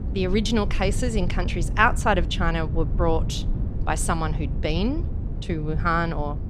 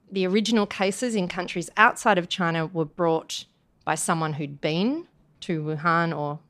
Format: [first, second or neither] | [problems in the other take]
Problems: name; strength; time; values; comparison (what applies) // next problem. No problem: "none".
second | low rumble; noticeable; throughout; 15 dB below the speech